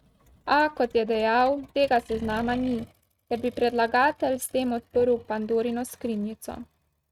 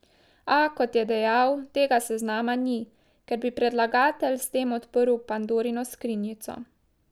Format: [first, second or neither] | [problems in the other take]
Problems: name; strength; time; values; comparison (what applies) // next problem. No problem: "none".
second | noise reduction (neural mask model RNNoise)